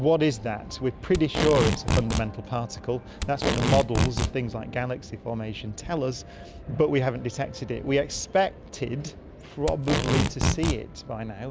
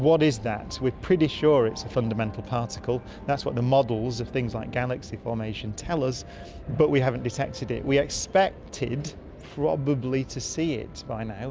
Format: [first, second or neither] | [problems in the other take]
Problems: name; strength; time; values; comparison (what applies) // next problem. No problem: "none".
second | background sound (Packing tape, duct tape); 1 dB above the speech